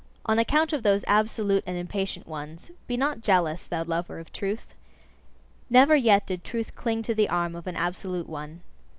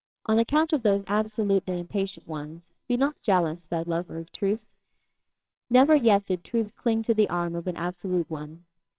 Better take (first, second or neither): first